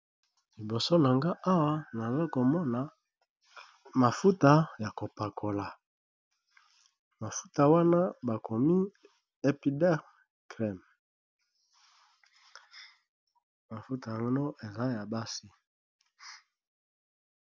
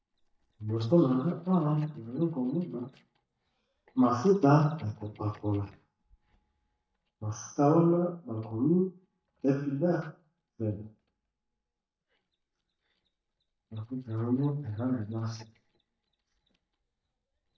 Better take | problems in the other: first | noise reduction (neural mask model DeepFilterNet 3)

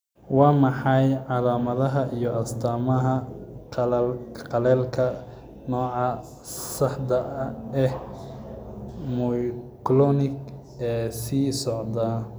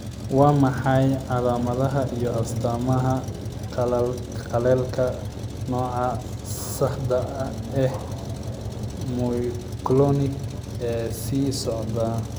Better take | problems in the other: first | background sound (Truck); 8 dB below the speech

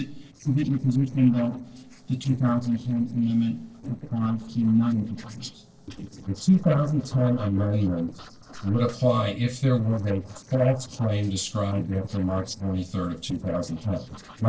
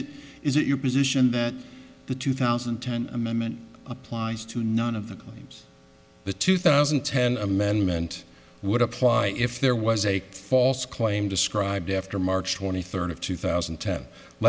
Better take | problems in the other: second | noise reduction (neural separator model SepFormer DNS4)

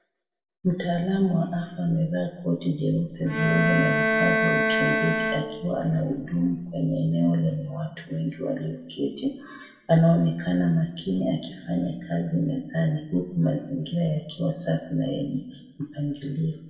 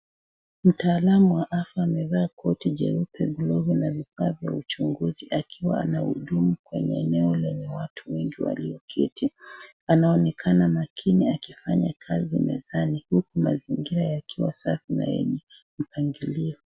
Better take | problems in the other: second | background sound (Bowed string instrument); as loud as the speech // room echo; dies away in 0.8 s

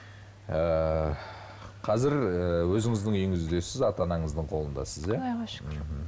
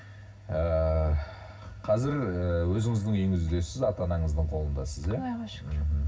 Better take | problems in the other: first | room echo; dies away in 0.4 s

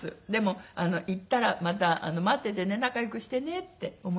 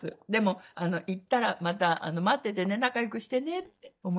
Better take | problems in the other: first | noise reduction (neural mask model DeepFilterNet 3)

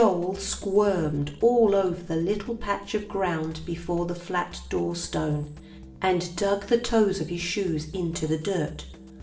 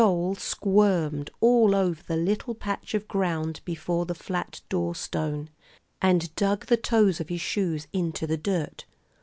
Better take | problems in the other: second | background sound (Drum kit); 19 dB below the speech // room echo; dies away in 0.5 s

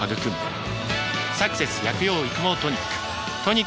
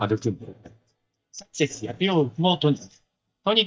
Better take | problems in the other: first | noise reduction (neural mask model DeepFilterNet 3)

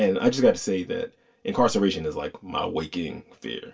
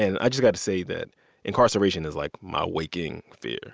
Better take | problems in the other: second | room echo; dies away in 0.1 s

